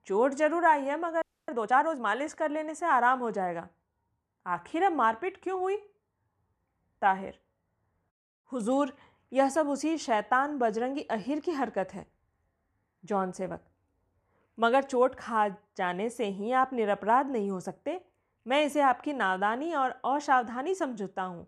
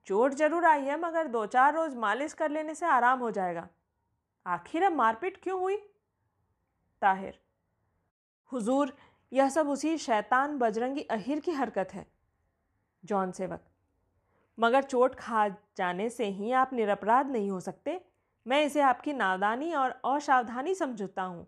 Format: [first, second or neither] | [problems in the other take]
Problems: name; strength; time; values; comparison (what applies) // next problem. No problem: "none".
second | audio freezing; at 1 s